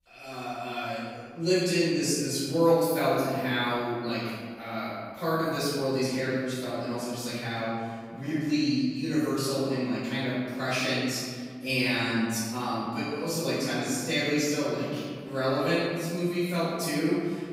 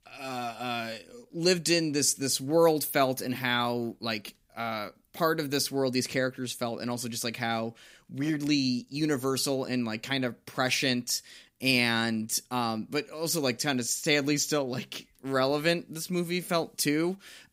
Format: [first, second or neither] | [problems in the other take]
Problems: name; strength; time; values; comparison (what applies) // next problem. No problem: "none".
second | room echo; strong; dies away in 1.9 s // off-mic speech; far